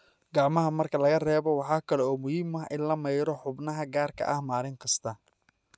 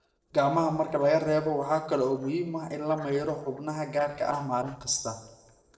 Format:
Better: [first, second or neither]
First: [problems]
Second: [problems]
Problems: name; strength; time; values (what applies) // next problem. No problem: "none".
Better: first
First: none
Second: noise reduction (neural separator model SepFormer DNS4)